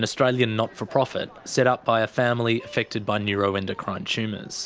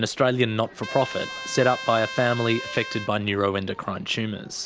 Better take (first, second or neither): first